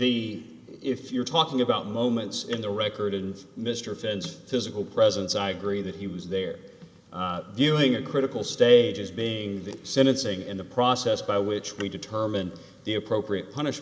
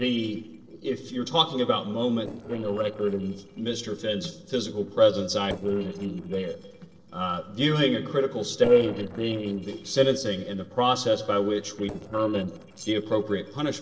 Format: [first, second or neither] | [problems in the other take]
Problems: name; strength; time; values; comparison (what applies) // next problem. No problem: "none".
first | noise reduction (neural separator model SepFormer DNS4)